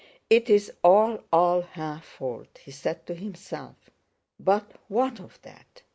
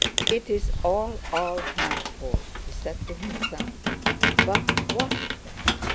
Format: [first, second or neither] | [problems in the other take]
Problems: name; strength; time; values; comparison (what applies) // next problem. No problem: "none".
first | background sound (Squeak); 5 dB above the speech